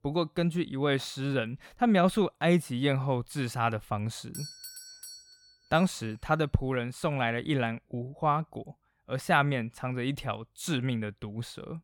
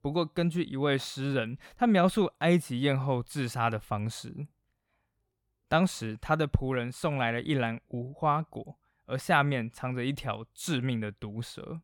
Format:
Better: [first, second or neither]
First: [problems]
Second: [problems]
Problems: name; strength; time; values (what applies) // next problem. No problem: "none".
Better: second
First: doorbell; faint; from 4.5 to 6 s; peak 10 dB below the speech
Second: none